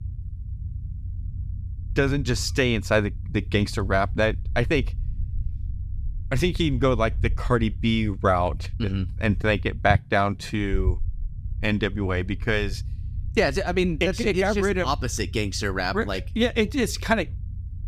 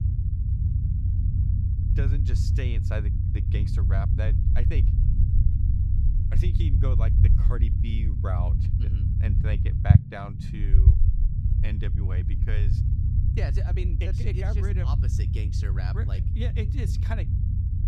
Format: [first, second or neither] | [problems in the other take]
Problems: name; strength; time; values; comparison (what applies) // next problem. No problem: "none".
first | low rumble; loud; throughout; as loud as the speech; faint in the first